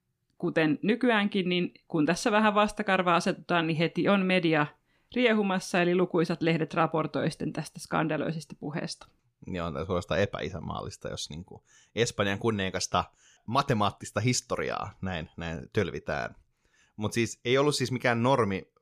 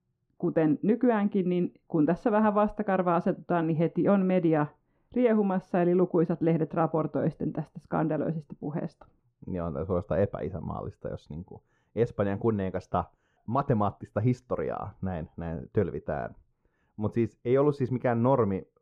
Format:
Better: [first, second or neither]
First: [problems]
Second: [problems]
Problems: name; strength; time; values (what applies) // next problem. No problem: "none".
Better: first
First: none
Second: muffled; very; fading above 2 kHz